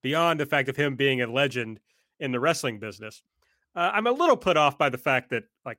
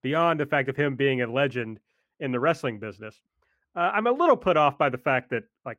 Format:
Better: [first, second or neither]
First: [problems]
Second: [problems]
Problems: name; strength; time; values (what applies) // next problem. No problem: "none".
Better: first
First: none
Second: muffled; slightly; fading above 3.5 kHz